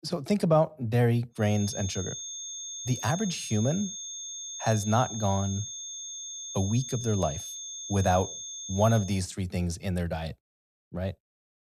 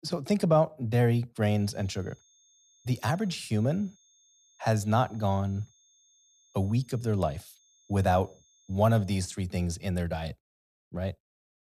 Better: second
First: high-pitched whine; loud; from 1.5 to 9 s; 6.5 kHz, 7 dB below the speech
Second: high-pitched whine; faint; from 1.5 to 9 s; 6.5 kHz, 35 dB below the speech

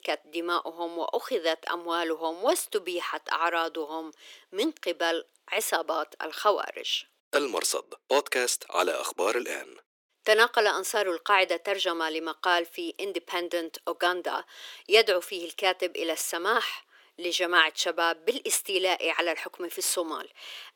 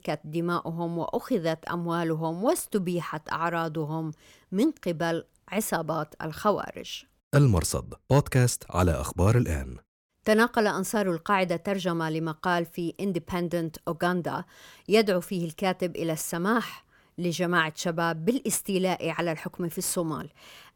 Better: second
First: thin; very; fading below 350 Hz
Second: none

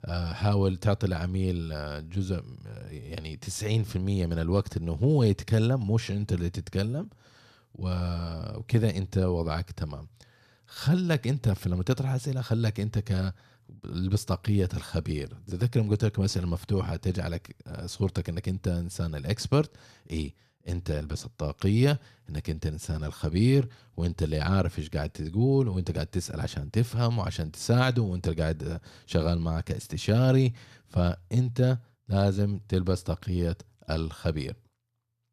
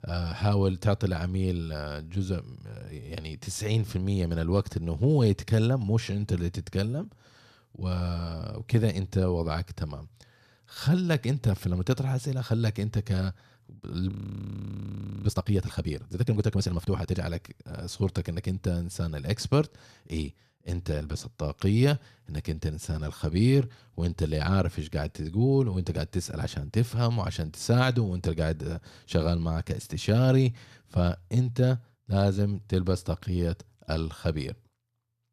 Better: first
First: none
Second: audio freezing; at 14 s for 1 s

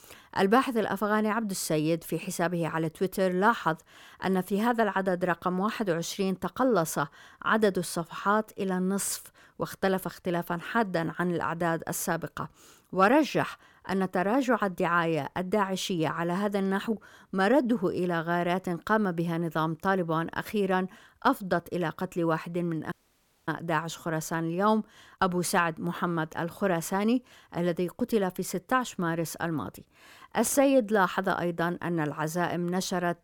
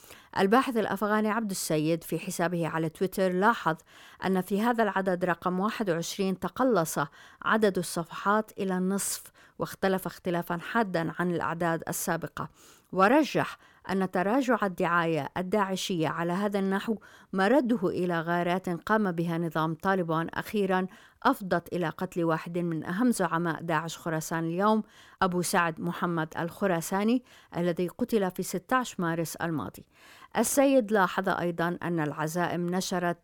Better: second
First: audio cutting out; at 23 s for 0.5 s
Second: none

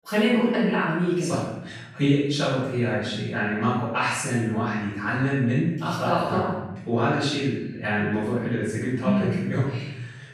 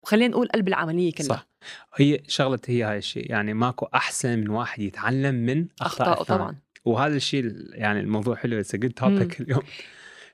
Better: second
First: off-mic speech; far // room echo; strong; dies away in 0.9 s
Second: none

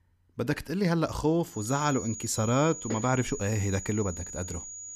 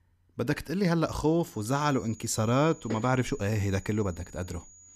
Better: second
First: high-pitched whine; loud; from 1.5 s on; 7 kHz, 9 dB below the speech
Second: high-pitched whine; faint; from 1.5 s on; 7 kHz, 20 dB below the speech

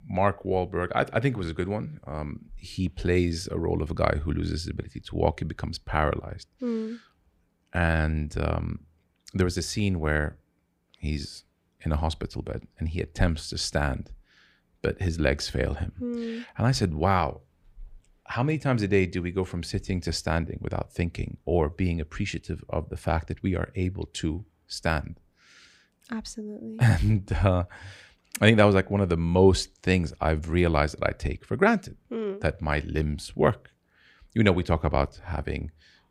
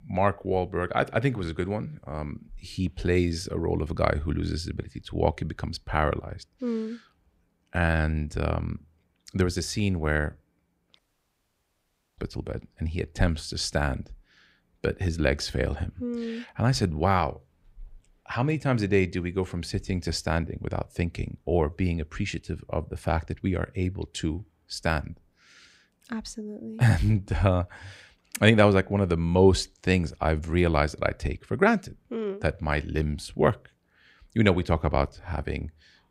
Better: first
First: none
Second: audio cutting out; at 11 s for 1 s

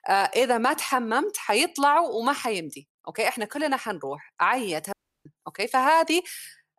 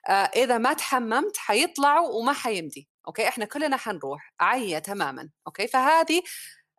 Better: second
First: audio cutting out; at 5 s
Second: none

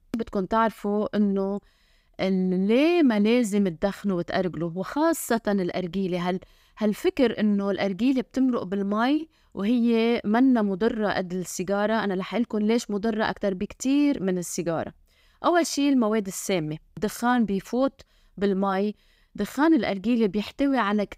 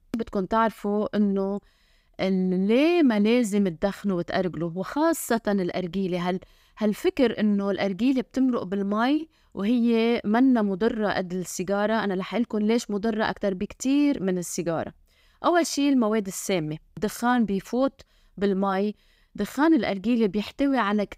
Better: neither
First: none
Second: none

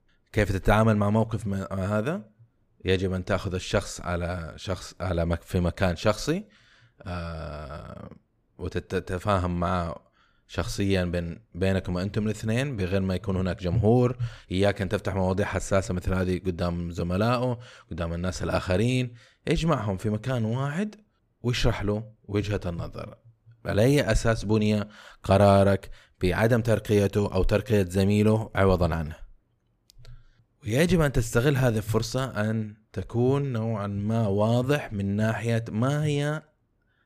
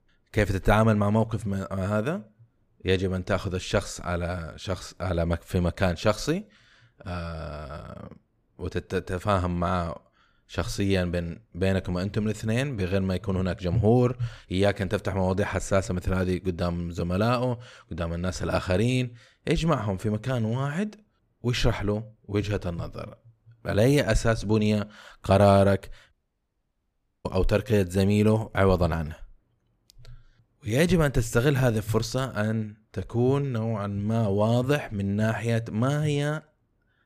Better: first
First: none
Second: audio cutting out; at 26 s for 1 s

